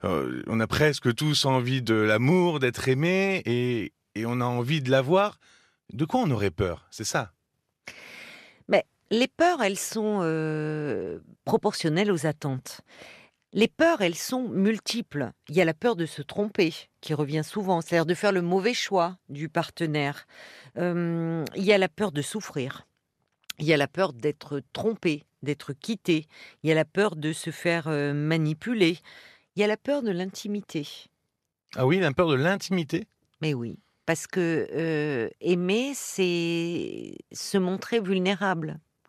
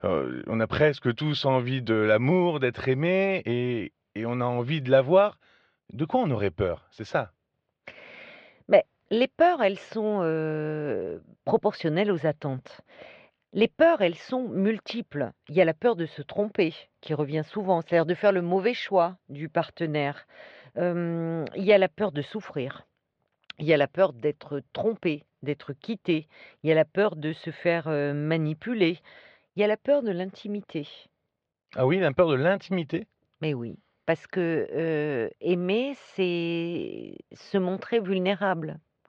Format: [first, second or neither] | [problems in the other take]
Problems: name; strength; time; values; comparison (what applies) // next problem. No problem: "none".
first | muffled; very; fading above 3.5 kHz